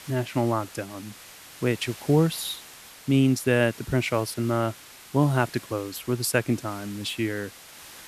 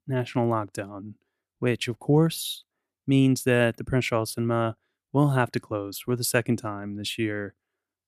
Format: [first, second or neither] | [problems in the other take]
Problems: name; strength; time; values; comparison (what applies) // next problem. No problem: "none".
second | hiss; noticeable; throughout; 20 dB below the speech